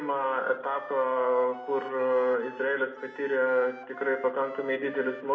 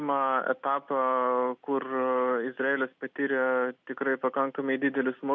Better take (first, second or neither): second